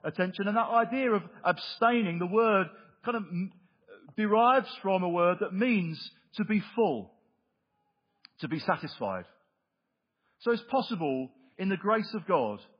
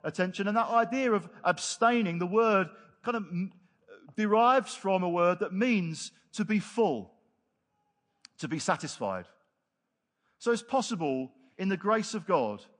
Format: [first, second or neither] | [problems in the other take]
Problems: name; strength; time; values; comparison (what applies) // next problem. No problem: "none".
second | garbled, watery; badly; slightly in the second